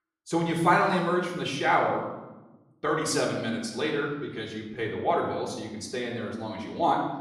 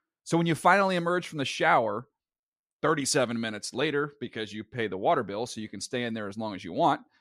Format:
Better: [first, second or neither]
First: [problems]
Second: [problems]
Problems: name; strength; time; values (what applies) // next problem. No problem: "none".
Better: second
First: off-mic speech; far // room echo; noticeable; dies away in 0.9 s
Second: none